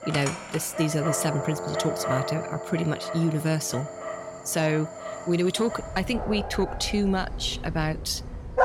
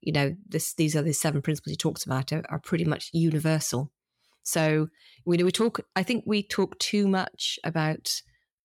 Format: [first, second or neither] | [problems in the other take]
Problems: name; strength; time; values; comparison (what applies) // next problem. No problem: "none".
second | animal sounds; loud; throughout; 7 dB below the speech